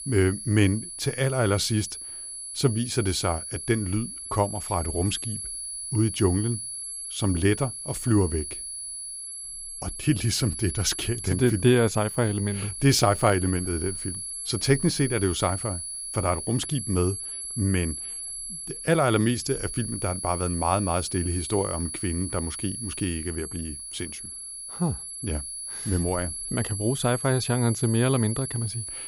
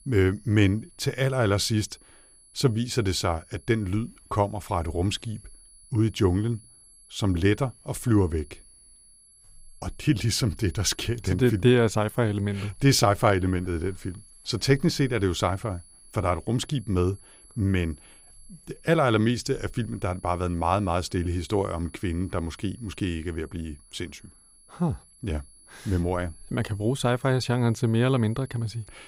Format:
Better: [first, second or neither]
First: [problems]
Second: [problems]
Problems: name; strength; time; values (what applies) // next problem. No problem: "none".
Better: second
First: high-pitched whine; loud; throughout; 10.5 kHz, 6 dB below the speech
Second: high-pitched whine; faint; throughout; 10.5 kHz, 25 dB below the speech